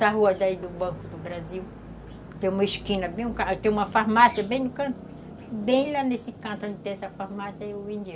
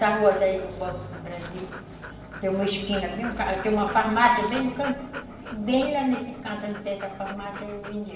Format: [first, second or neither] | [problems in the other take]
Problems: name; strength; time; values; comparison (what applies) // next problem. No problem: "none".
first | background sound (Dog); 15 dB below the speech // room echo; dies away in 1 s